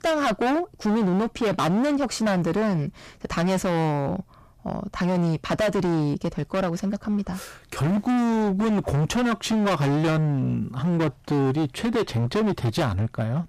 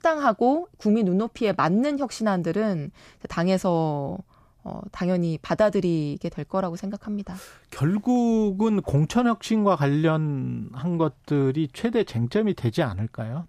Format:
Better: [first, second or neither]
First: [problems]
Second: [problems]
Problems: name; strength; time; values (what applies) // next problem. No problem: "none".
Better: second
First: distortion; heavy; 27% of the sound clipped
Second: none